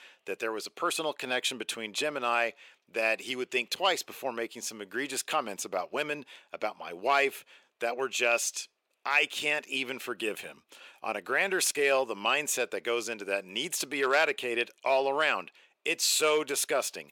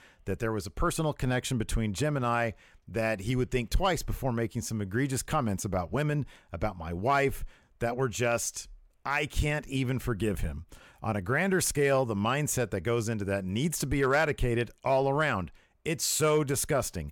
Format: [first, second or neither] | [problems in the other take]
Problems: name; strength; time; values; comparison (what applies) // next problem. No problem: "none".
second | thin; very; fading below 350 Hz